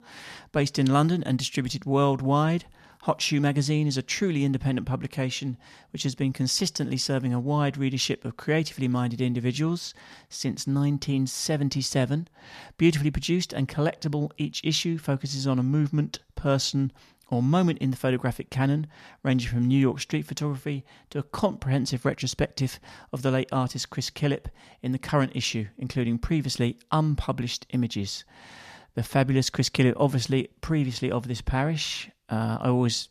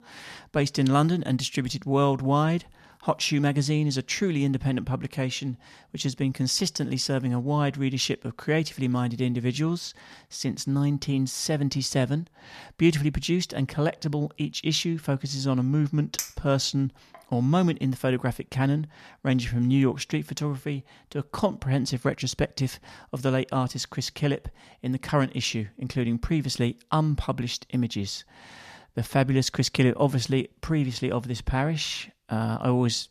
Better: first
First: none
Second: clattering dishes; noticeable; at 16 s; peak 6 dB below the speech

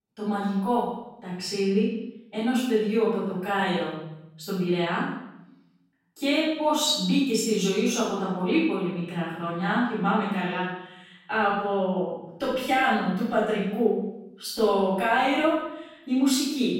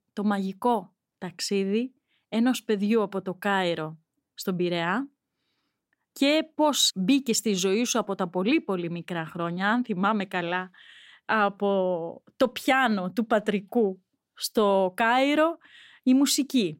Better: second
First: off-mic speech; far // room echo; strong; dies away in 0.9 s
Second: none

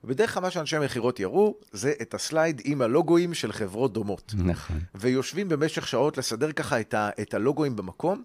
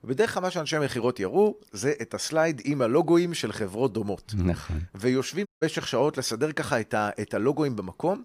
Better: first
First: none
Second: audio cutting out; at 5.5 s

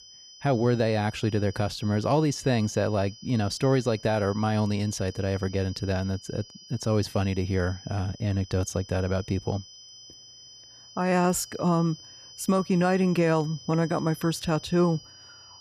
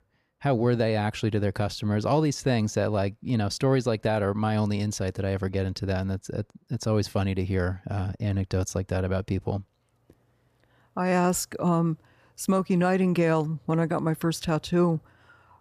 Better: second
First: high-pitched whine; noticeable; throughout; 5 kHz, 20 dB below the speech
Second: none

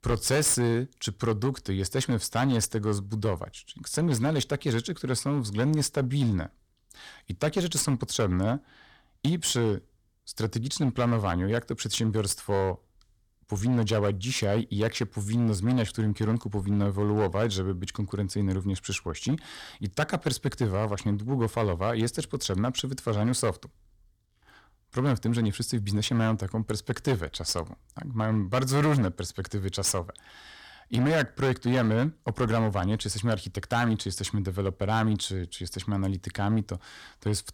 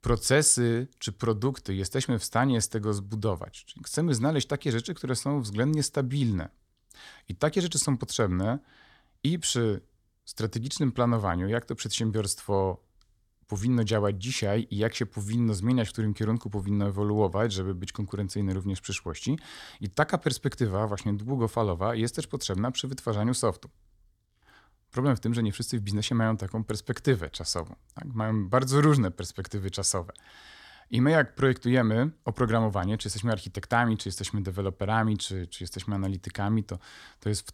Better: second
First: distortion; slight; 8% of the sound clipped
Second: none

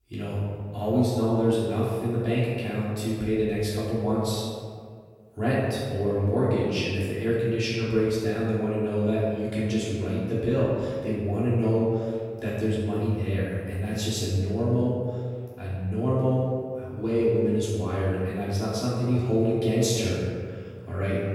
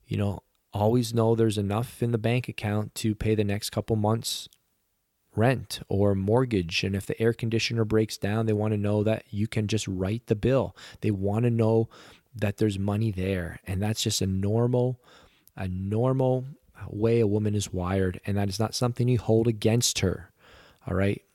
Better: second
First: off-mic speech; far // room echo; strong; dies away in 1.7 s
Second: none

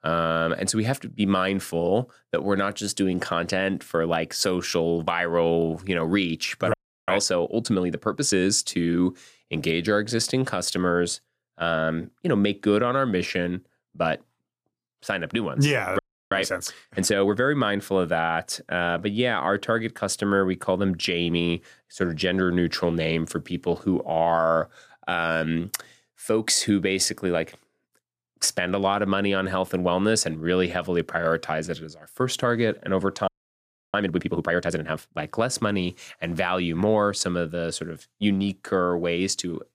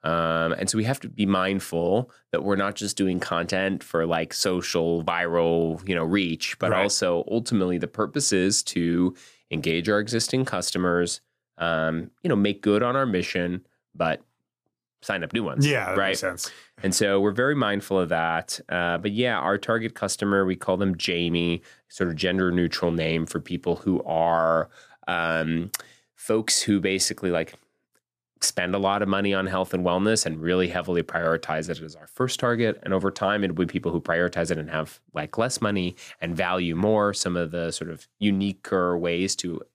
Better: second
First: audio freezing; at 6.5 s, at 16 s and at 33 s for 0.5 s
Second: none

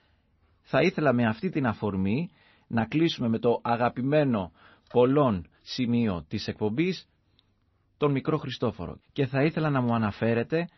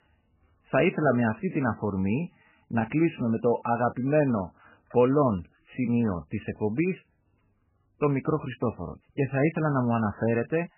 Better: first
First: garbled, watery; slightly; nothing above 6 kHz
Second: garbled, watery; badly; nothing above 3 kHz

